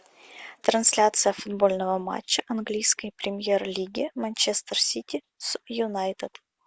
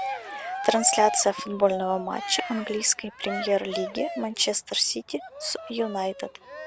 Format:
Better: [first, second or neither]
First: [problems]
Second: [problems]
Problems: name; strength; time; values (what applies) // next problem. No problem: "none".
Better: first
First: none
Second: background sound (Cheering); 8 dB below the speech